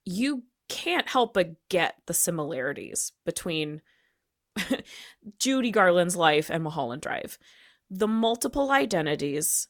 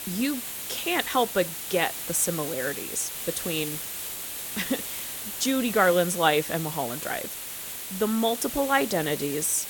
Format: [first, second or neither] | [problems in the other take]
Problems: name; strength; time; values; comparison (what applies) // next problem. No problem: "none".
first | hiss; loud; throughout; 6 dB below the speech